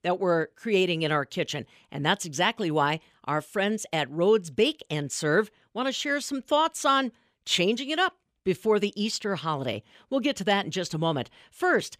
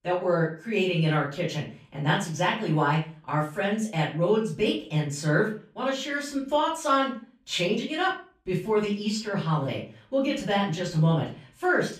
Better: first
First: none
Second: off-mic speech; far // room echo; slight; dies away in 0.4 s

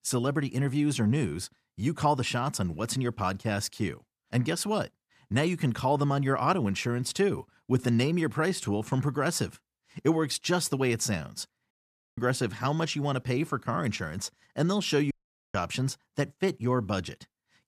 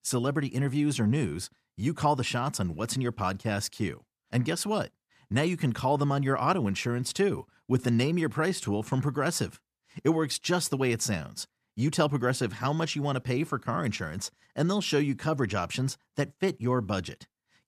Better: second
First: audio cutting out; at 12 s and at 15 s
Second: none

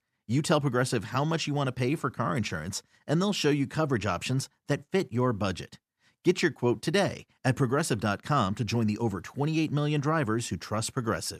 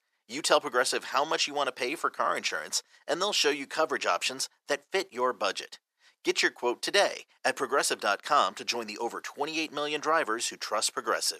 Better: first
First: none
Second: thin; very; fading below 500 Hz

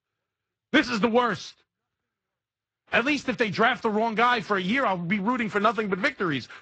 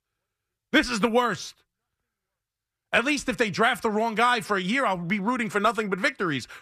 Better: second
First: garbled, watery; slightly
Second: none

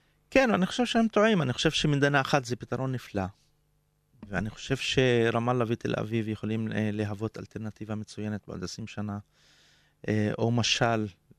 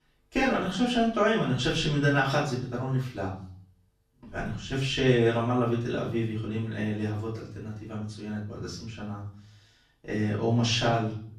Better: first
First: none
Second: off-mic speech; far // room echo; noticeable; dies away in 0.5 s

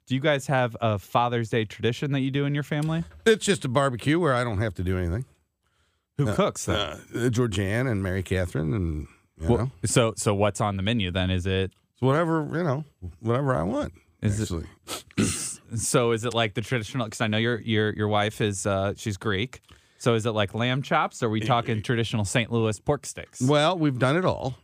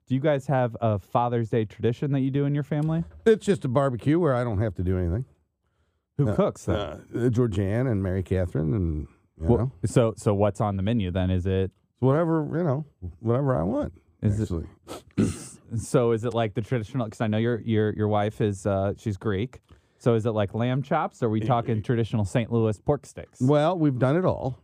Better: first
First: none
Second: muffled; slightly; fading above 1.5 kHz

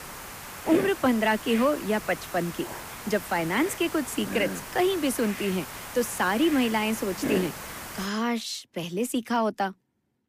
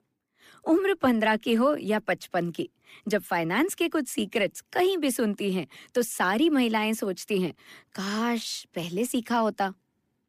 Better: second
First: hiss; loud; until 8 s; 9 dB below the speech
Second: none

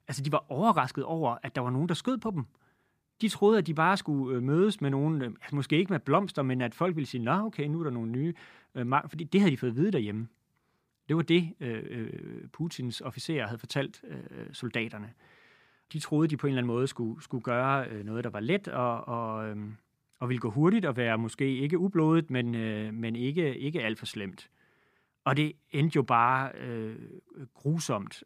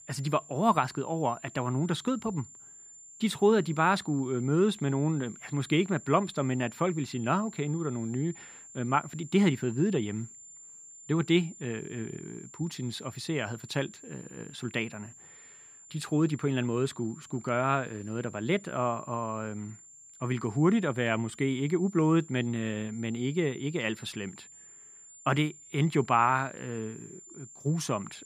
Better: first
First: none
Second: high-pitched whine; noticeable; throughout; 7 kHz, 20 dB below the speech

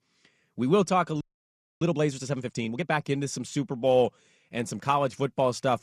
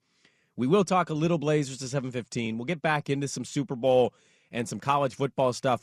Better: second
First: audio freezing; at 1 s for 0.5 s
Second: none

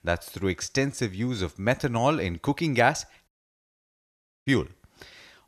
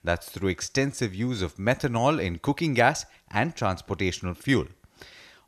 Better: second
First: audio cutting out; at 3.5 s for 1 s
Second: none

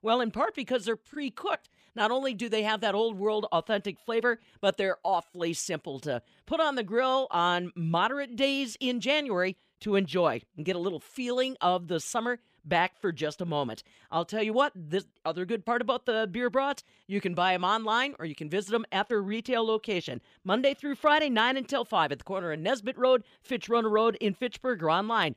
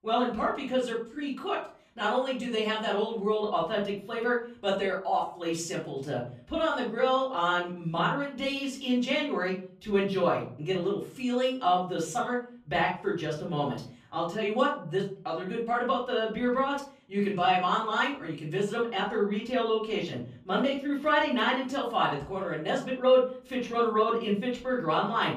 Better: first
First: none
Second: off-mic speech; far // room echo; slight; dies away in 0.4 s

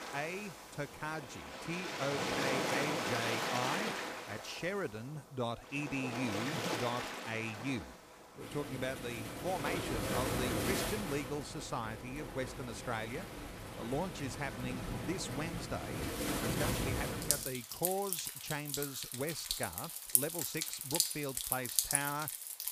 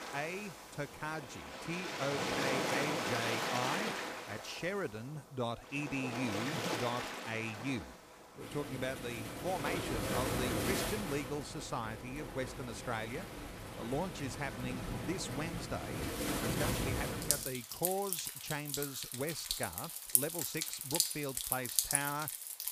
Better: neither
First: rain or running water; very loud; throughout; 3 dB above the speech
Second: rain or running water; very loud; throughout; 3 dB above the speech

